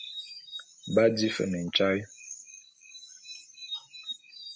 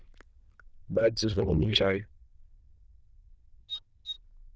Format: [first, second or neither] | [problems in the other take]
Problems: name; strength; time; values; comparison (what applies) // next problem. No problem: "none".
first | noise reduction (neural diffusion model UNIVERSE++)